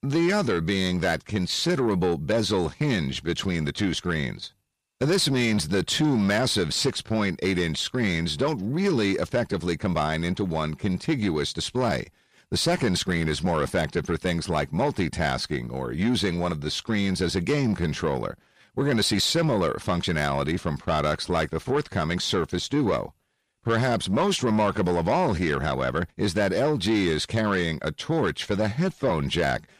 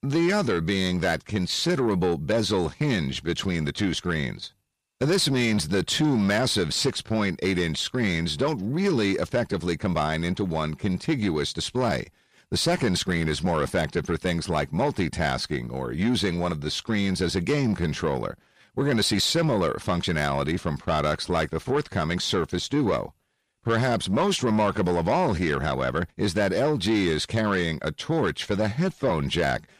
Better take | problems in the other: neither | distortion; slight; 10 dB below the speech; the same in both

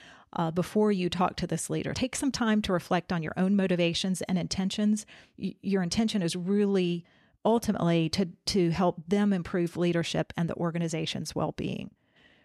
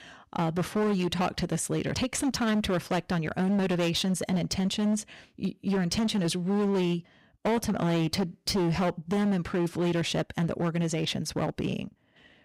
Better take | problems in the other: first | distortion; slight; 18% of the sound clipped

